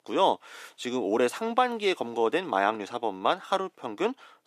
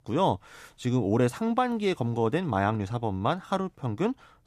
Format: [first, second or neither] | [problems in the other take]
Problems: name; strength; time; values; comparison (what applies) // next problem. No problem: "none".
second | thin; somewhat; fading below 350 Hz